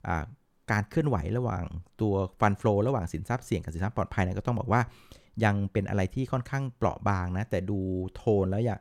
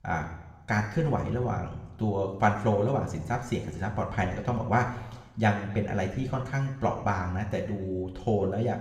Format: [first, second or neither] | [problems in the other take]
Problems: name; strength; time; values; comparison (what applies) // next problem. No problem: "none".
first | room echo; slight; dies away in 1 s // off-mic speech; somewhat distant